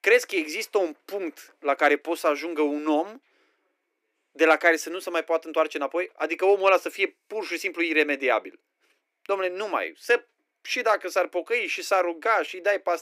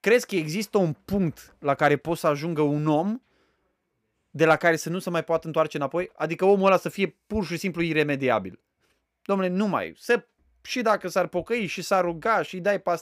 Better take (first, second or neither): second